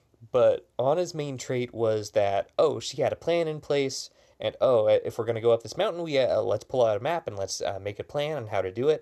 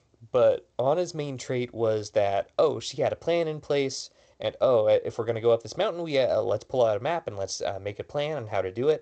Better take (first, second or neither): first